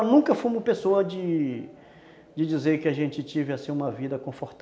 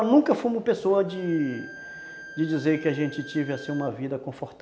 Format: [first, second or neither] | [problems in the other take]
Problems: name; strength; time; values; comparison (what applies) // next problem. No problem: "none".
first | background sound (Bowed string instrument); 18 dB below the speech